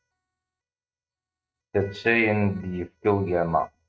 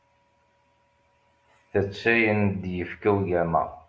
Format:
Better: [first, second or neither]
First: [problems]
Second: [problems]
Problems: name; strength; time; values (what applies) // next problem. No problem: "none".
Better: second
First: noise reduction (neural mask model RNNoise)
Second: none